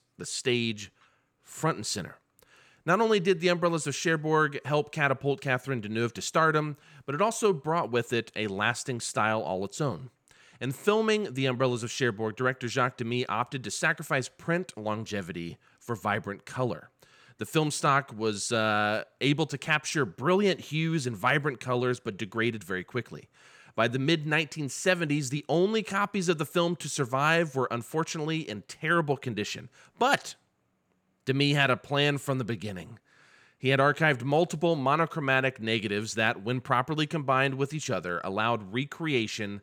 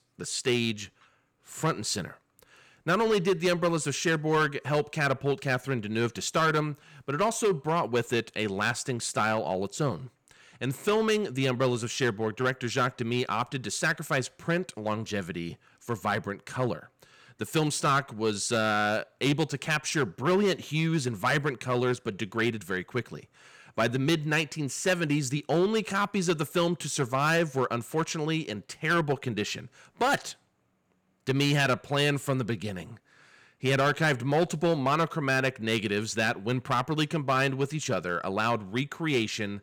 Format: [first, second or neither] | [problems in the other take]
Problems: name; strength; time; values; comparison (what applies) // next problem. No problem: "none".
first | distortion; slight; 4% of the sound clipped